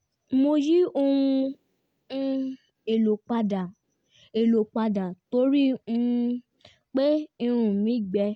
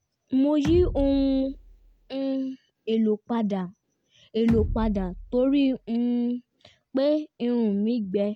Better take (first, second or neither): first